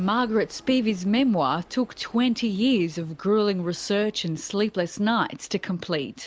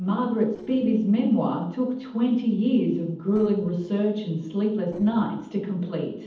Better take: first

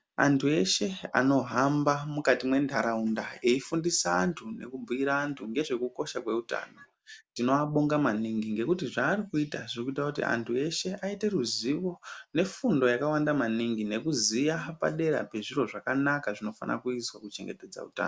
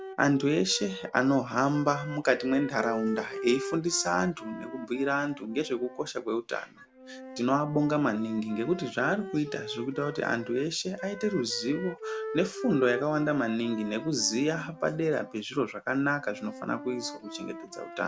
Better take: first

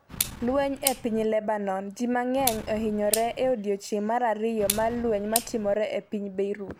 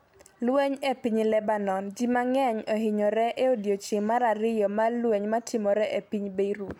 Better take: second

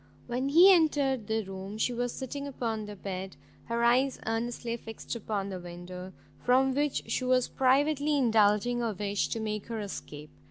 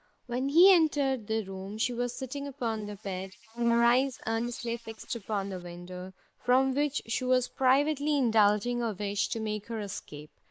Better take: first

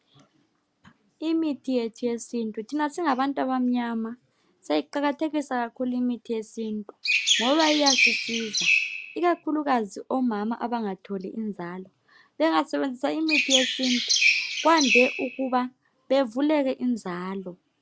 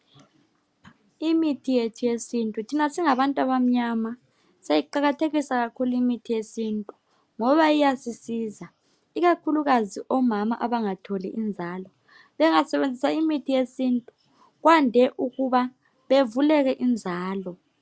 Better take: second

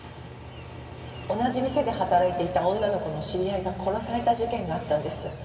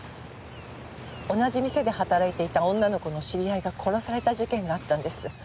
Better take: second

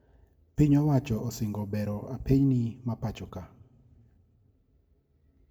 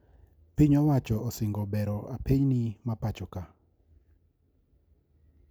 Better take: second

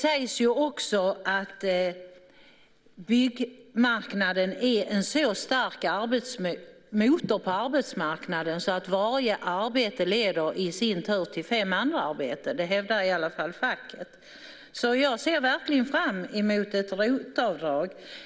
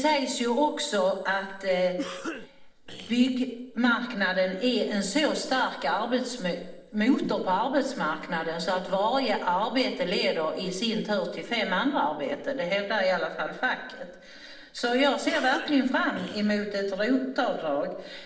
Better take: first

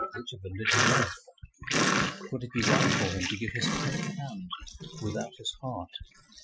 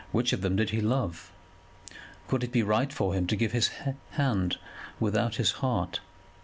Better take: second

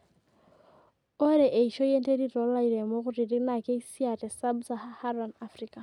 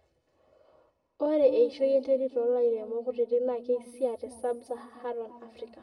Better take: first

